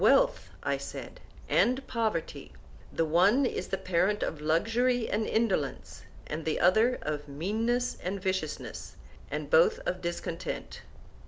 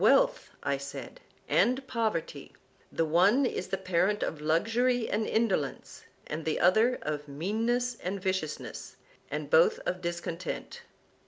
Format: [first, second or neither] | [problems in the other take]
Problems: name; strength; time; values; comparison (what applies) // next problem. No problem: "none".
second | background sound (Bird); 15 dB below the speech